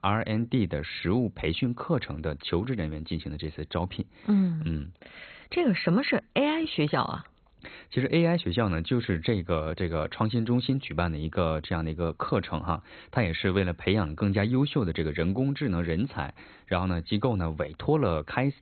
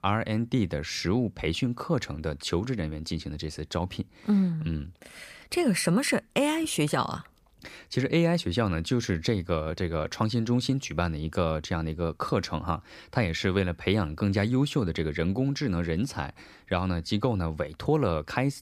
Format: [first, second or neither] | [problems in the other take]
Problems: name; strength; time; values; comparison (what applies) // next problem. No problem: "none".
second | garbled, watery; badly; nothing above 4 kHz